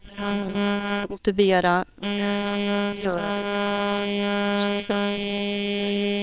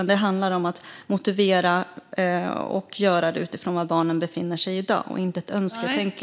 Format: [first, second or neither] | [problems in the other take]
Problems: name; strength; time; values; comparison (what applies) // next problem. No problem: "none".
second | noise reduction (neural separator model SepFormer WHAMR!)